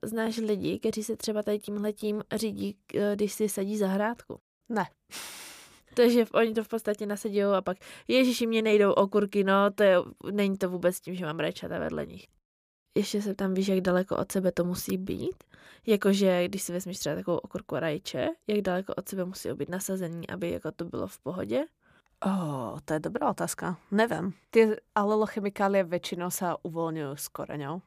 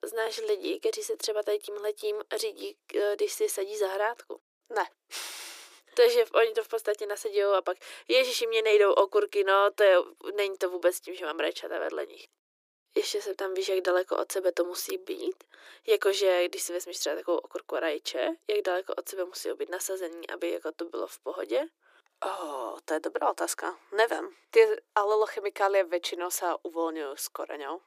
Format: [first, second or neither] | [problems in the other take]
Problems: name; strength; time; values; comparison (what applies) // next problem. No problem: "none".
first | thin; very; fading below 350 Hz